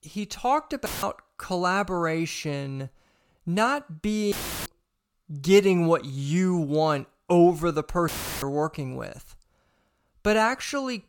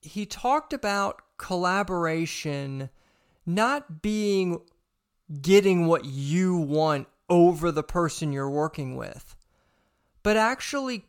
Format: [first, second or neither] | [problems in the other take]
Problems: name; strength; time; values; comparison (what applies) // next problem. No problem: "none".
second | audio cutting out; filled with static; at 1 s, at 4.5 s and at 8 s